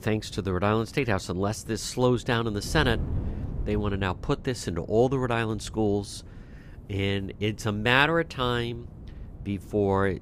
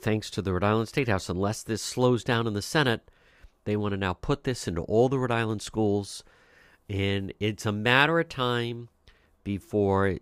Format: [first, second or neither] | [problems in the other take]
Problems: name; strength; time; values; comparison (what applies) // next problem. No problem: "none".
second | wind noise on the microphone; occasional gusts; 25 dB below the speech